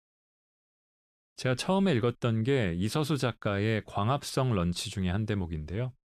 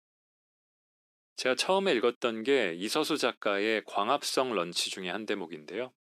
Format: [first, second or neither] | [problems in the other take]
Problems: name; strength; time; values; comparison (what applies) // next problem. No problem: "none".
first | thin; somewhat; fading below 300 Hz